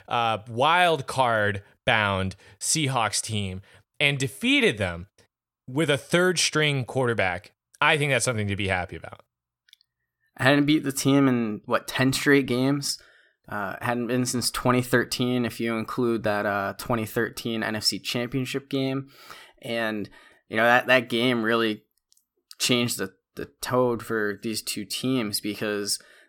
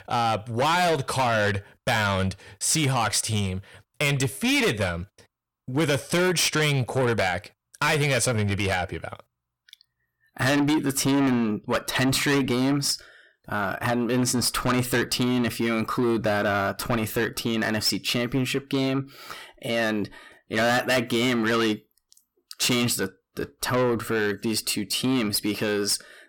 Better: first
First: none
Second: distortion; heavy; 6 dB below the speech

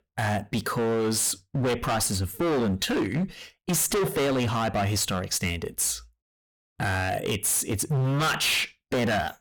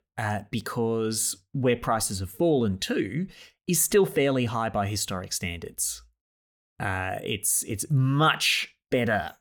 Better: second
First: distortion; heavy; 24% of the sound clipped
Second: none

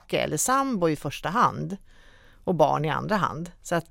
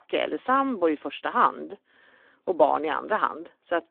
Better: first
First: none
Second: phone-call audio

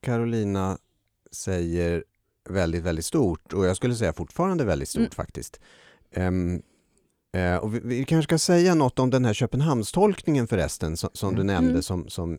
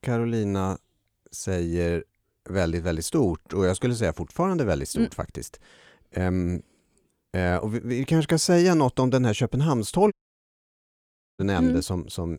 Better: first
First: none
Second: audio cutting out; at 10 s for 1.5 s

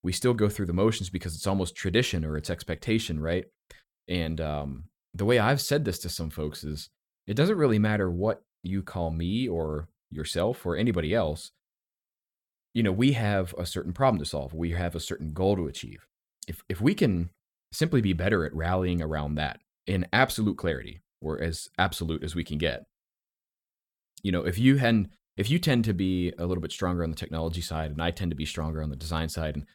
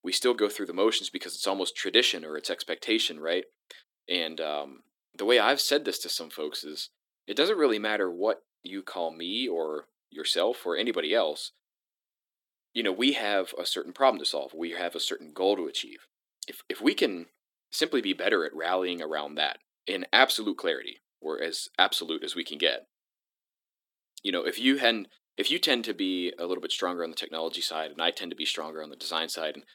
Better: first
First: none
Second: thin; somewhat; fading below 300 Hz

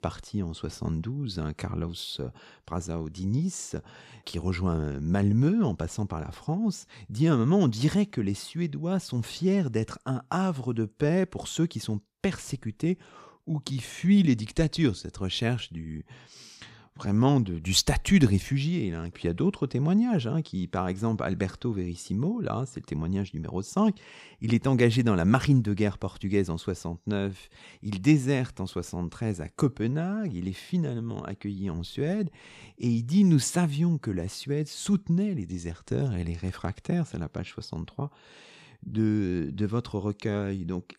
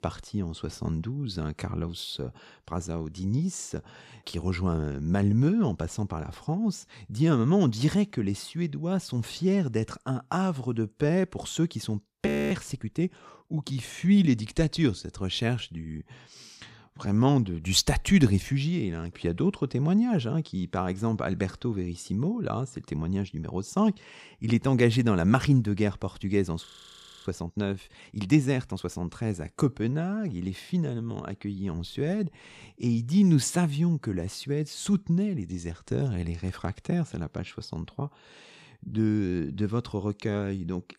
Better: first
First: none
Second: audio freezing; at 12 s and at 27 s for 0.5 s

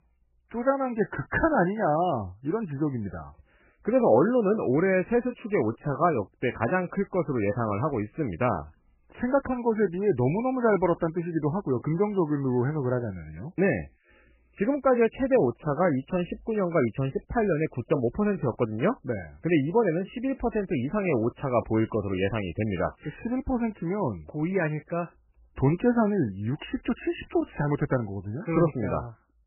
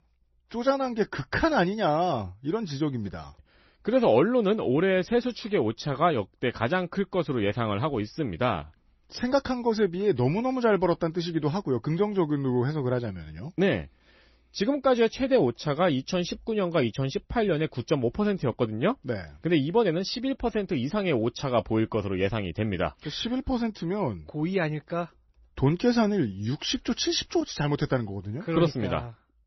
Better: second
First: garbled, watery; badly; nothing above 3 kHz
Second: garbled, watery; slightly; nothing above 6 kHz

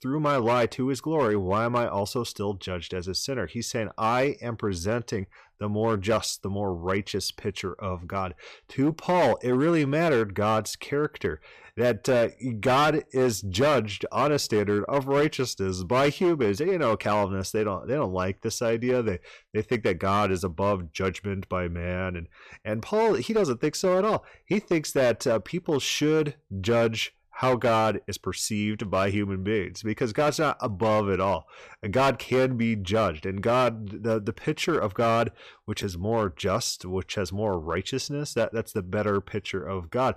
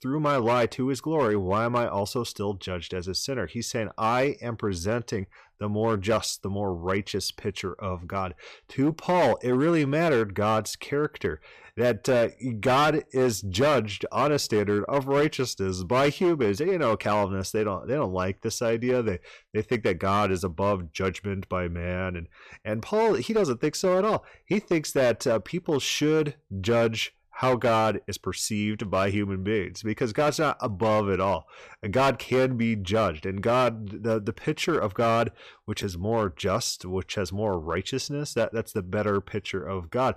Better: neither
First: distortion; slight; 7% of the sound clipped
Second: distortion; slight; 7% of the sound clipped

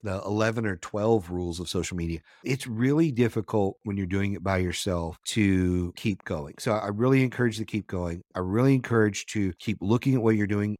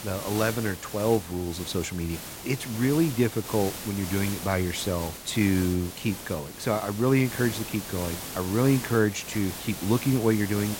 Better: first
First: none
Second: hiss; loud; throughout; 9 dB below the speech

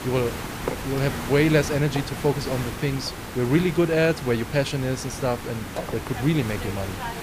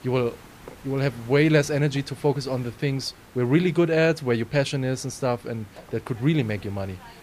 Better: second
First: hiss; loud; throughout; 8 dB below the speech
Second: hiss; faint; throughout; 20 dB below the speech

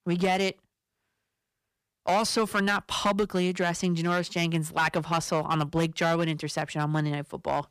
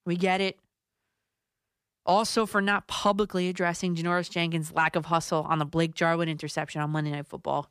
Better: second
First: distortion; slight; 5% of the sound clipped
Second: none

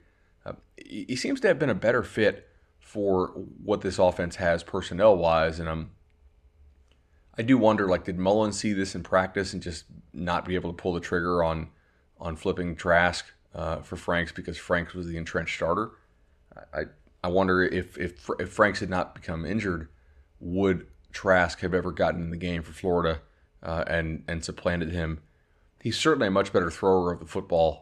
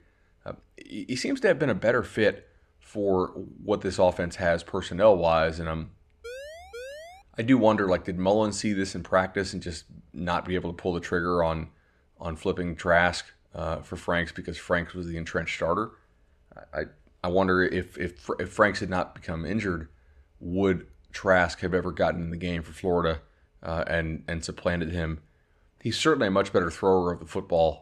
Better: first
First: none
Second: siren; faint; at 6 s; peak 15 dB below the speech

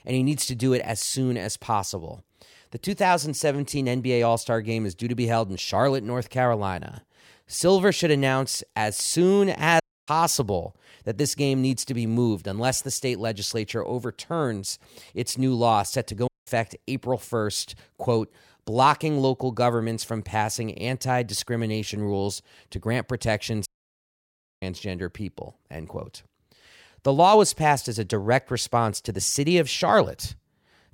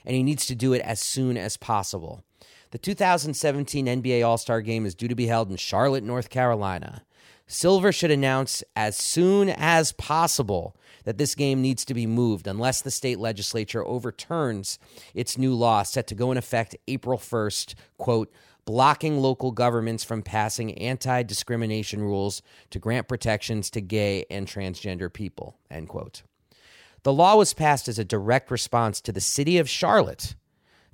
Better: second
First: audio cutting out; at 10 s, at 16 s and at 24 s for 1 s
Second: none

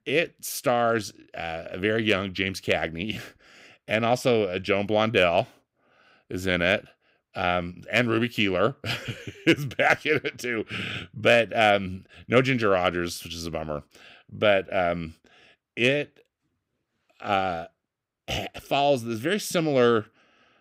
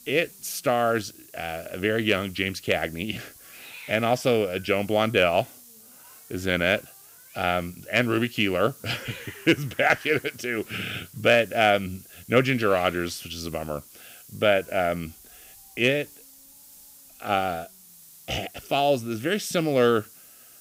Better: first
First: none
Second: hiss; faint; throughout; 20 dB below the speech

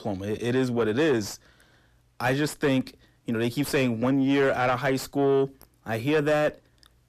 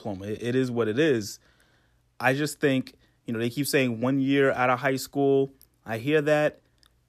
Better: second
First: distortion; slight; 10 dB below the speech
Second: none

